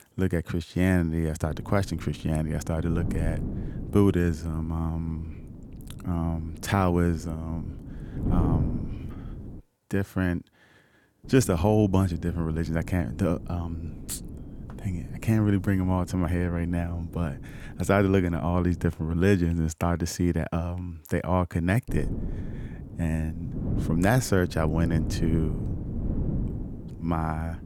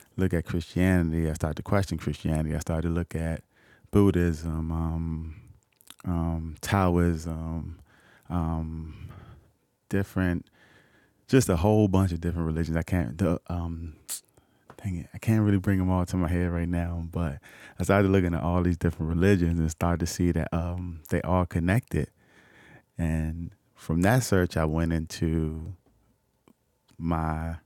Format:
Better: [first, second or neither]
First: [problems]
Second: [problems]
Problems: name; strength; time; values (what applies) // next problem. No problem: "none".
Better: second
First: wind noise on the microphone; occasional gusts; from 1.5 to 9.5 s, from 11 to 19 s and from 22 s on; 15 dB below the speech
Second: none